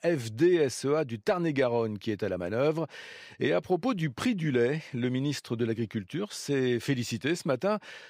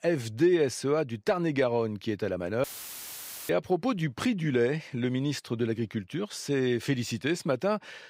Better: first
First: none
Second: audio cutting out; filled with static; at 2.5 s for 1 s

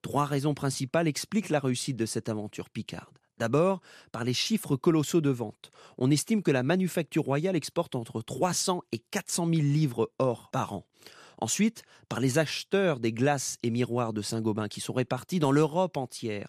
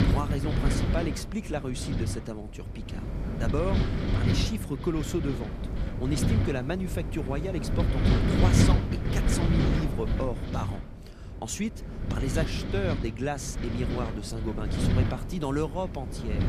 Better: first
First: none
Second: wind noise on the microphone; heavy; 1 dB below the speech

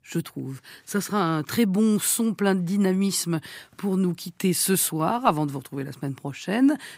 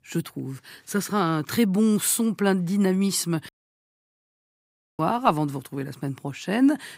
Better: first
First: none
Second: audio cutting out; at 3.5 s for 1.5 s

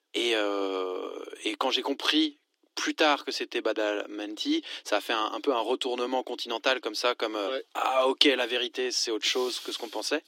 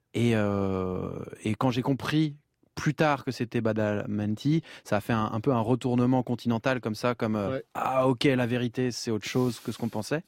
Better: second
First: thin; somewhat; fading below 300 Hz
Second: none

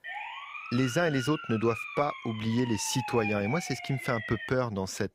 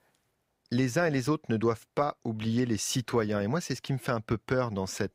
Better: second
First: siren; noticeable; until 4.5 s; peak 4 dB below the speech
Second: none

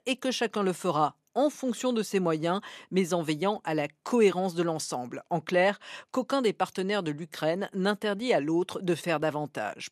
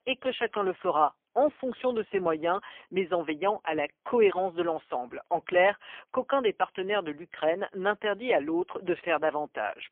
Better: first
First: none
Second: phone-call audio; poor line; nothing above 3 kHz

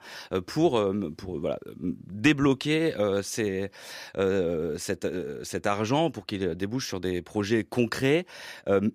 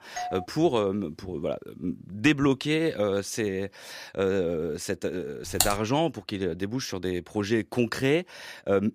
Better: first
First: none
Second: doorbell; noticeable; at the start; peak 7 dB below the speech // keyboard typing; loud; at 5.5 s; peak 2 dB above the speech

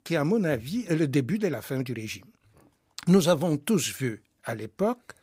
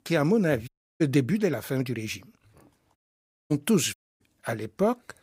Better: first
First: none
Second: audio cutting out; at 0.5 s, at 3 s for 0.5 s and at 4 s

